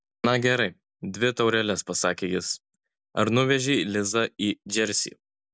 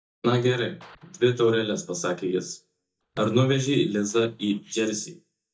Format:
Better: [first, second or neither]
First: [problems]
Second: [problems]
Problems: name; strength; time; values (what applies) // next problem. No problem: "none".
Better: first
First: none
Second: noise reduction (neural mask model DeepFilterNet 3)